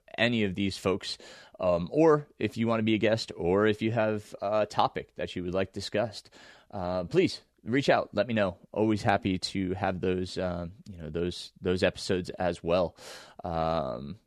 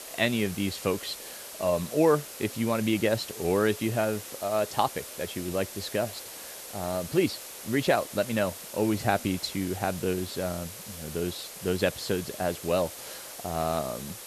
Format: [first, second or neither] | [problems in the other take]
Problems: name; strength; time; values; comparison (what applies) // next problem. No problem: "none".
first | hiss; noticeable; throughout; 10 dB below the speech